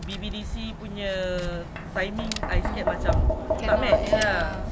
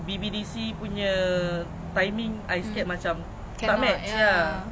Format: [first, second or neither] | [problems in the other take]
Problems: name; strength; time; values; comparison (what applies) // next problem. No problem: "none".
second | background sound (Tap); 3 dB above the speech